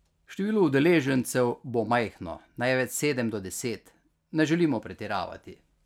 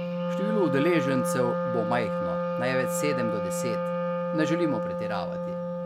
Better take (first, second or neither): first